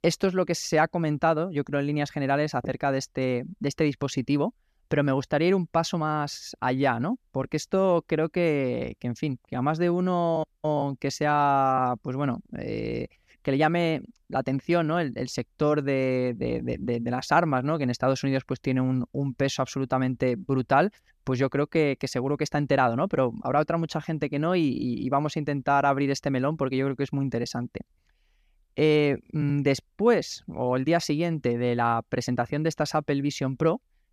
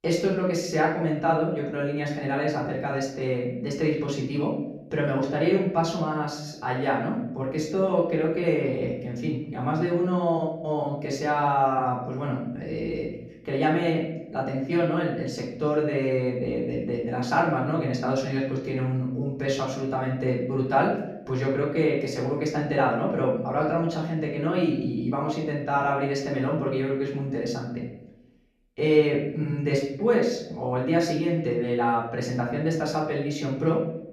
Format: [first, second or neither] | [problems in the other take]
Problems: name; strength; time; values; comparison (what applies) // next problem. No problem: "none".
first | off-mic speech; far // room echo; noticeable; dies away in 0.7 s